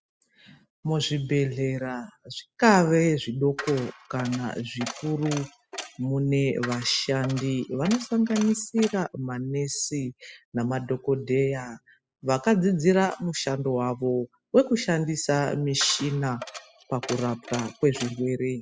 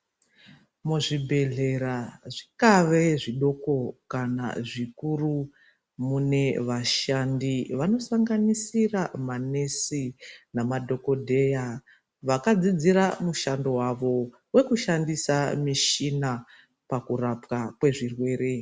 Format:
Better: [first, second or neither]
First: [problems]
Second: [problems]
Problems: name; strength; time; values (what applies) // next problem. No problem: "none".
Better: second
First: noise reduction (classical method spectral subtraction)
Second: none